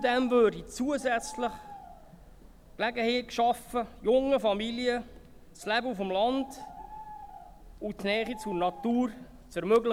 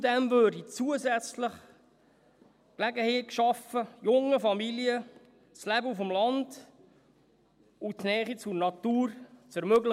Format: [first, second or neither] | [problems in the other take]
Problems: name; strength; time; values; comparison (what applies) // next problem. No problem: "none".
second | background sound (Bird); 18 dB below the speech